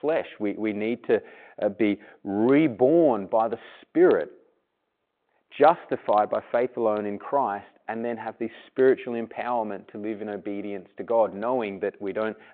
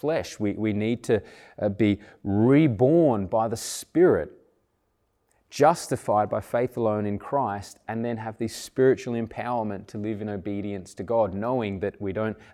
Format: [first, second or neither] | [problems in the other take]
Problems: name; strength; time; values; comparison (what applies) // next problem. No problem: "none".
second | phone-call audio; nothing above 4 kHz